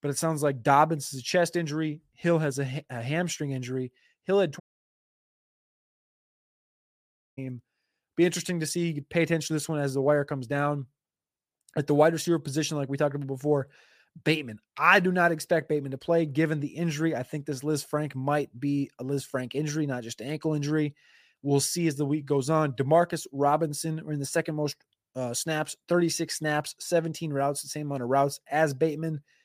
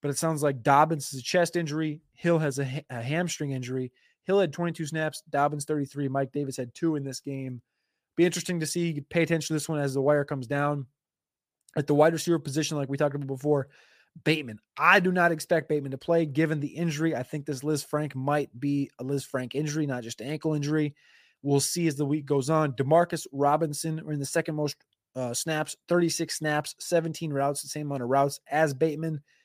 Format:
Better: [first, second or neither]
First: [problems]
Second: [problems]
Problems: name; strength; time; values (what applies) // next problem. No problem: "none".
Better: second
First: audio cutting out; at 4.5 s for 3 s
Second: none